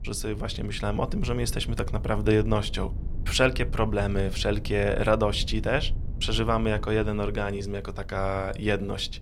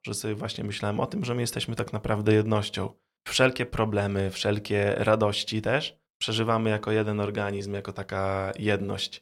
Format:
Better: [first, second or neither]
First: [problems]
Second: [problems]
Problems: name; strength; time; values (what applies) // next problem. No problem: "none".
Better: second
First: low rumble; faint; throughout; 20 dB below the speech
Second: none